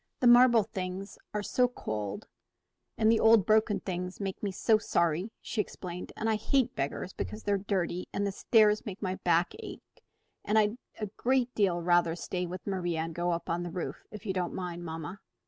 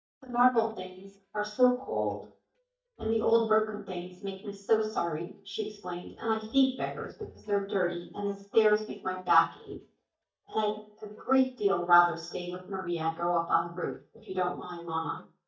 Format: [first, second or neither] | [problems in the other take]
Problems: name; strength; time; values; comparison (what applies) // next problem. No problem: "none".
first | noise reduction (neural mask model DeepFilterNet 3)